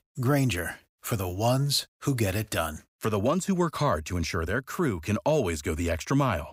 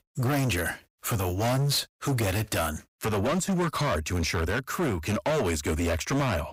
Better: first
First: none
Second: distortion; heavy; 22% of the sound clipped

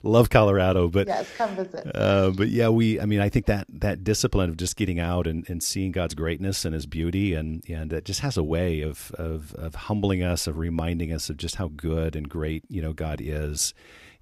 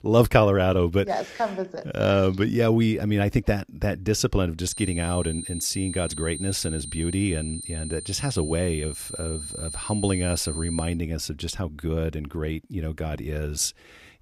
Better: first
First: none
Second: high-pitched whine; loud; from 4.5 to 11 s; 9 kHz, 8 dB below the speech

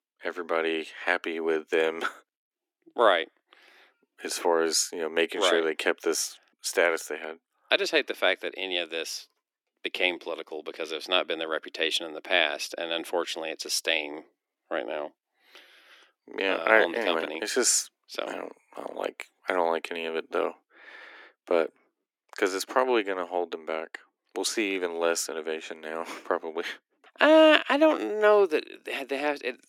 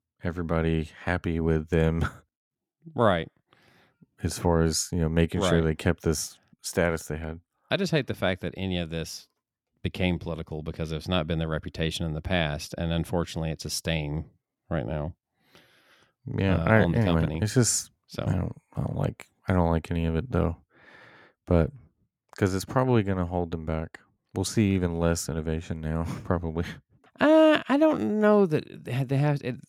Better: second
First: thin; very; fading below 300 Hz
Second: none

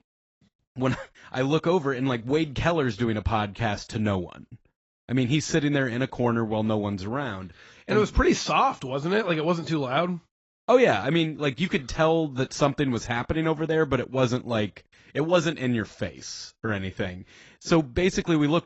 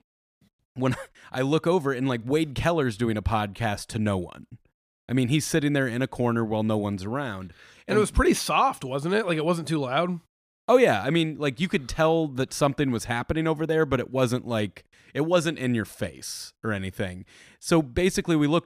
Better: second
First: garbled, watery; badly; nothing above 7.5 kHz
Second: none

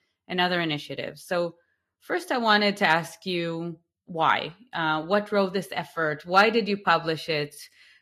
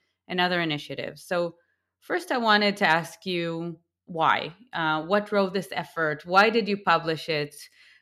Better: second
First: garbled, watery; slightly; nothing above 14.5 kHz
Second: none

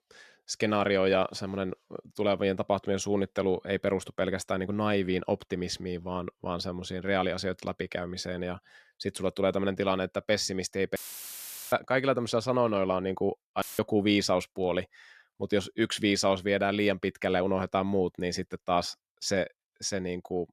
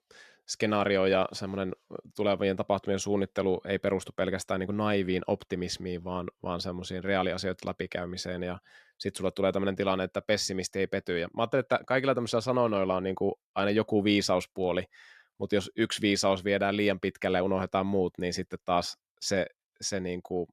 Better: second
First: audio cutting out; filled with static; at 11 s for 1 s and at 14 s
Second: none

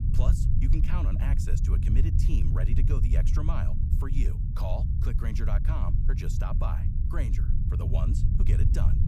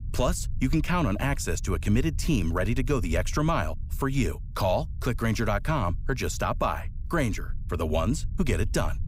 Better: second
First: low rumble; loud; throughout; 1 dB below the speech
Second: low rumble; faint; throughout; 25 dB below the speech

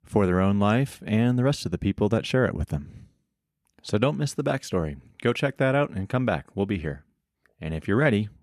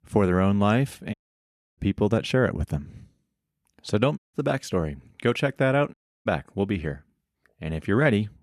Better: first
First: none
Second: audio cutting out; at 1 s for 0.5 s, at 4 s and at 6 s

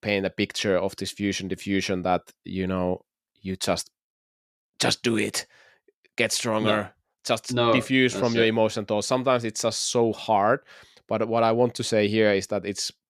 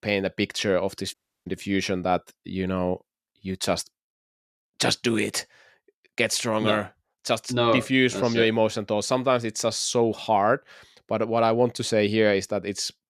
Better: first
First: none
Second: audio cutting out; at 1 s

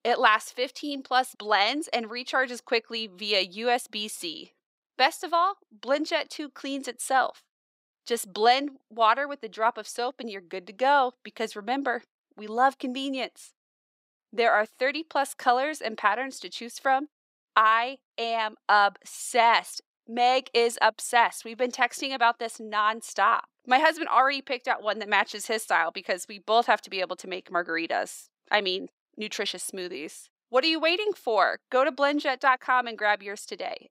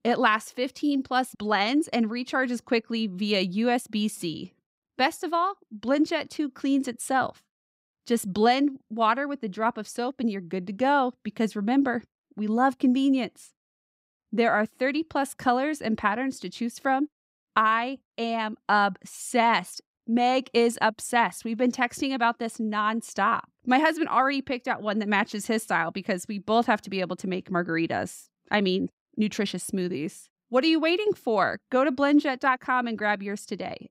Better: second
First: thin; somewhat; fading below 550 Hz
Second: none

